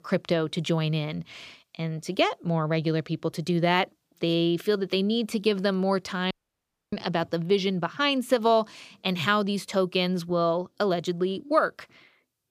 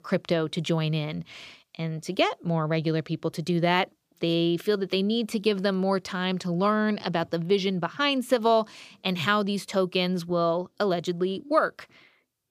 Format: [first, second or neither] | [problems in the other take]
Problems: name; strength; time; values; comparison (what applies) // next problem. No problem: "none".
second | audio cutting out; at 6.5 s for 0.5 s